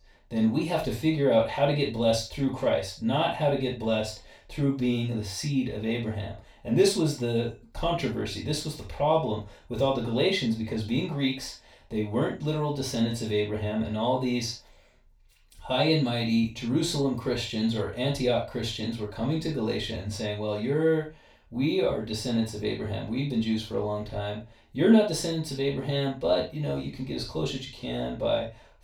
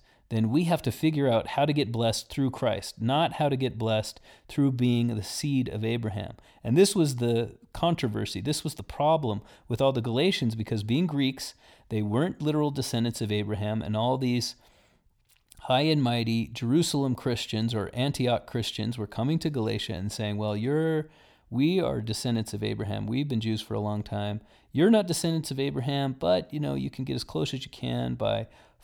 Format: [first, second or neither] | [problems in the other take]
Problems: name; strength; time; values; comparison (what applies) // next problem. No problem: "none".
second | room echo; noticeable; dies away in 0.2 s // off-mic speech; far